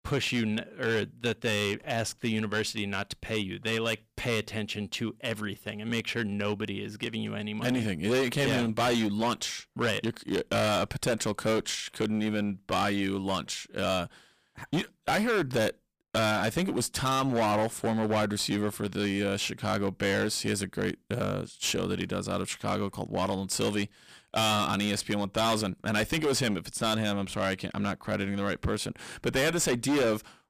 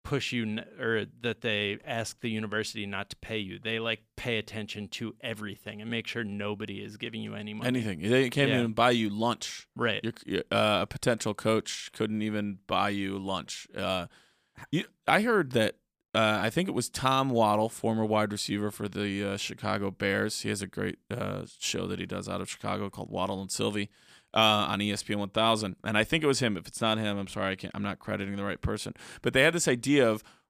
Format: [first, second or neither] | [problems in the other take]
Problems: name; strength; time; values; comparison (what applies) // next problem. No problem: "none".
second | distortion; heavy; 13% of the sound clipped